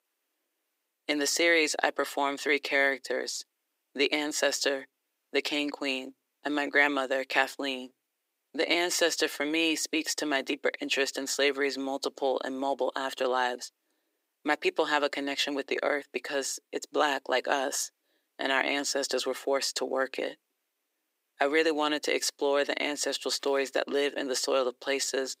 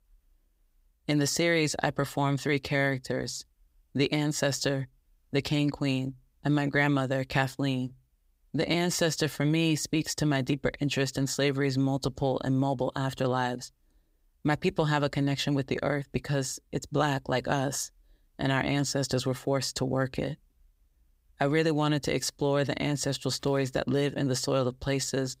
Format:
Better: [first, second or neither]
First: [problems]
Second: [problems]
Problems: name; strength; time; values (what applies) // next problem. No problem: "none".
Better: second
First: thin; somewhat; fading below 300 Hz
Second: none